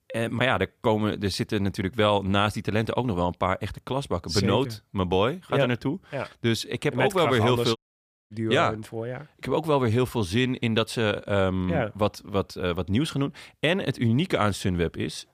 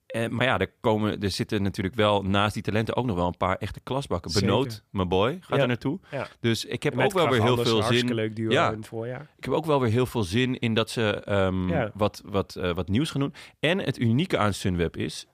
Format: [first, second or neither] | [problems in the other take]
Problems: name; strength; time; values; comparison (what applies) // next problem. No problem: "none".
second | audio cutting out; at 8 s for 0.5 s